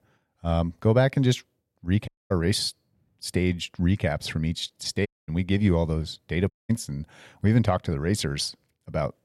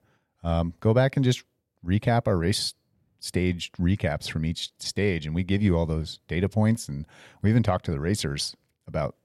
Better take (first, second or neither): second